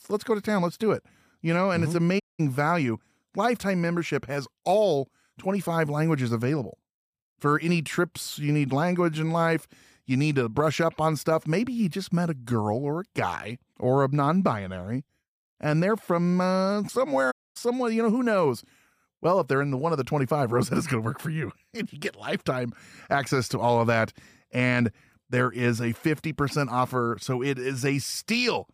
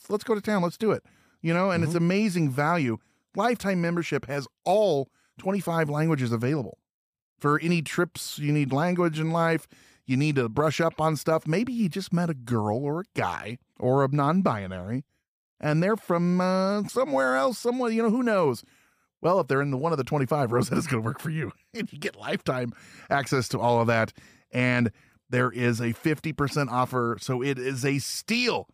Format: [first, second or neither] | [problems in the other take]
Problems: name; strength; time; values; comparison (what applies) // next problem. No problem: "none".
second | audio cutting out; at 2 s and at 17 s